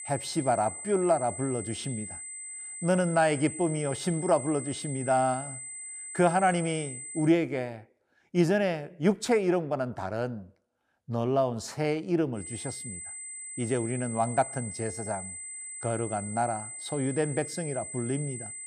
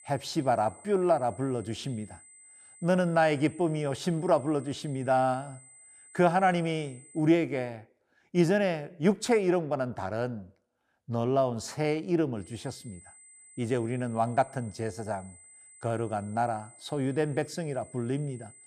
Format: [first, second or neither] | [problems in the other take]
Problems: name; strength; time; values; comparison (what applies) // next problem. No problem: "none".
second | high-pitched whine; loud; until 7.5 s and from 12 s on; 8 kHz, 8 dB below the speech; faint in the second